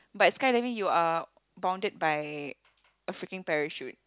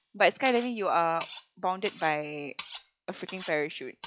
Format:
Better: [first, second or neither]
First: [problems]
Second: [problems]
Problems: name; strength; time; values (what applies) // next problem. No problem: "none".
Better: first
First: none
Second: noise reduction (classical method log-MMSE)